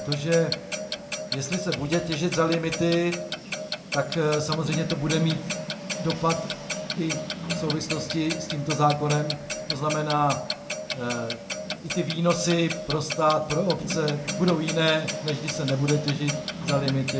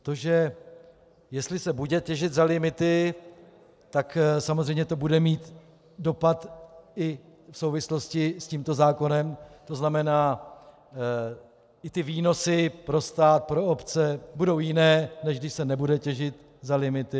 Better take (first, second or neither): second